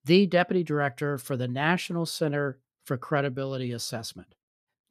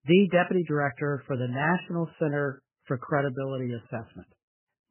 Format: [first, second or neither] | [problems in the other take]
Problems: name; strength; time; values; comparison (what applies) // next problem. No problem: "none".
first | garbled, watery; badly; nothing above 3 kHz